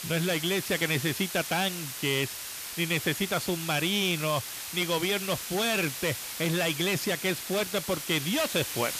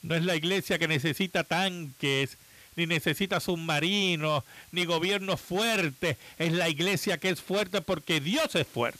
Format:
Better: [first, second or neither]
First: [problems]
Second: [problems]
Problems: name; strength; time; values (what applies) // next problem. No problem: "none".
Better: second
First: hiss; loud; throughout; 6 dB below the speech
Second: hiss; faint; throughout; 25 dB below the speech